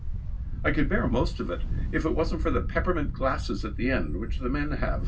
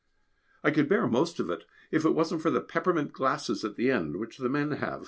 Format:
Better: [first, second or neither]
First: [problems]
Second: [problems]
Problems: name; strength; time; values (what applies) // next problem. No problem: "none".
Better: second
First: background sound (Wind); 1 dB above the speech // room echo; dies away in 0.4 s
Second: none